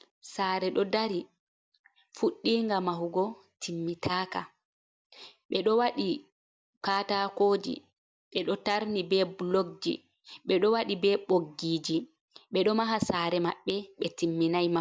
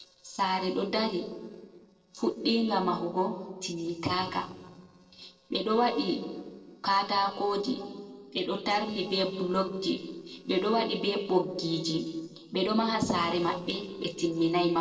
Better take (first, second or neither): first